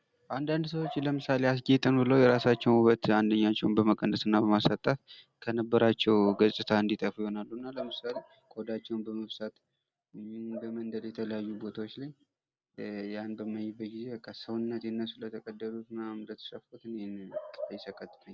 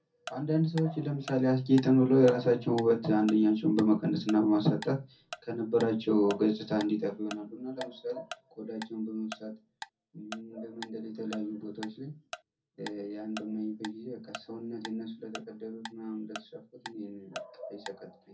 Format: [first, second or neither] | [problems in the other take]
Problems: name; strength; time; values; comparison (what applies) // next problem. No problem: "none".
first | background sound (Tick-tock); 18 dB below the speech // room echo; dies away in 0.3 s